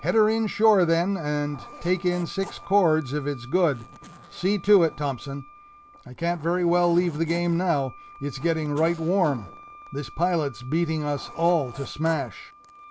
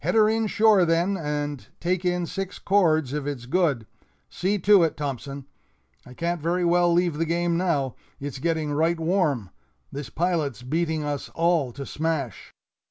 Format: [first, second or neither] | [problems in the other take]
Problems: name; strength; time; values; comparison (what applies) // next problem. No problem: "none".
second | background sound (Zipper (clothing) + Wind instrument, woodwind instrument); 20 dB below the speech